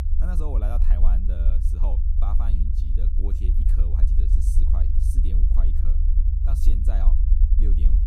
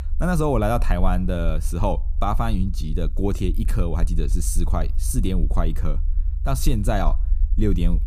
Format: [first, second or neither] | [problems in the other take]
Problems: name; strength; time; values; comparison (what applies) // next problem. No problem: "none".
second | low rumble; loud; throughout; 1 dB below the speech; faint in the second